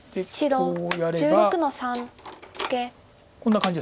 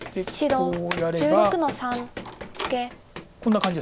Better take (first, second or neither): first